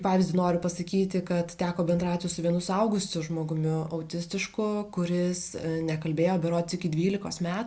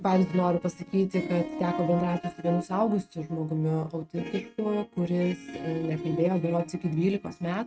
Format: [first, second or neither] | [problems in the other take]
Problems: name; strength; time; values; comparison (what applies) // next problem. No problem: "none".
first | noise reduction (neural mask model RNNoise)